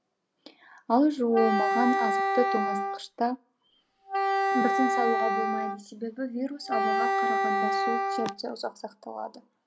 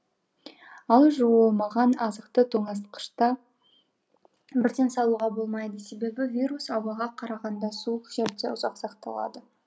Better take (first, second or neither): second